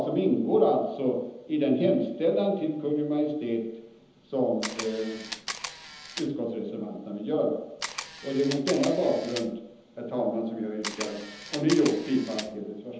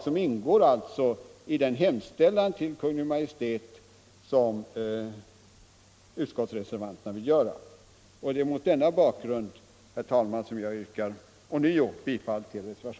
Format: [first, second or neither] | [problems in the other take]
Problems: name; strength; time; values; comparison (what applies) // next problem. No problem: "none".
second | background sound (Camera); 10 dB below the speech // room echo; dies away in 0.9 s